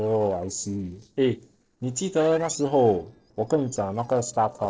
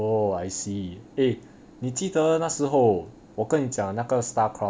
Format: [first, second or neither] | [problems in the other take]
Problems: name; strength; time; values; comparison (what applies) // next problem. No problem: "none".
second | noise reduction (neural separator model SepFormer DNS4)